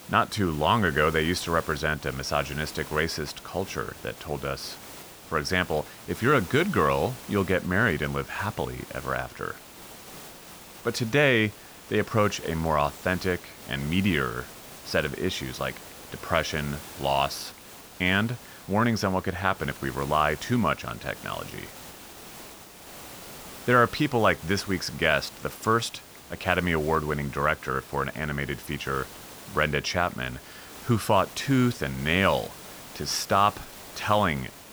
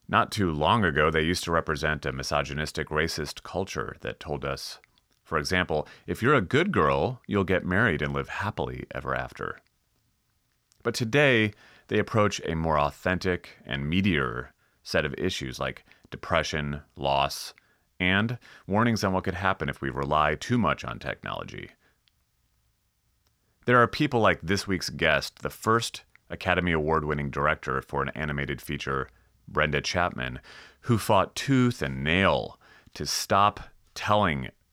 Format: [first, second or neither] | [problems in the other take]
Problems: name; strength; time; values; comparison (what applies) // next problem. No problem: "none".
second | hiss; noticeable; throughout; 15 dB below the speech